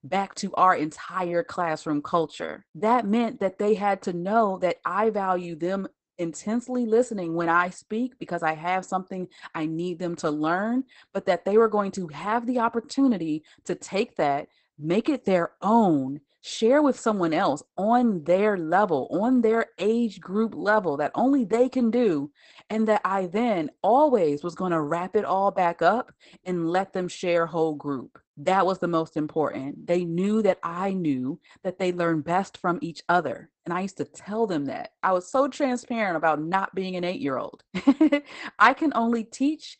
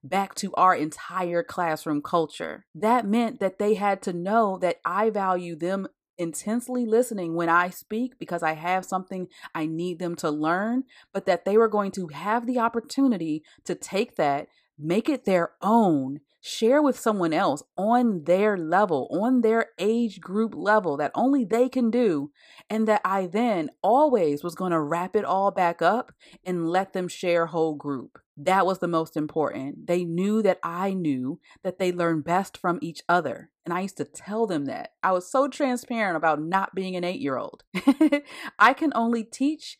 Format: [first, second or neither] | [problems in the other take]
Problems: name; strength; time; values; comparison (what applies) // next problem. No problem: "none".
second | garbled, watery; badly; nothing above 8 kHz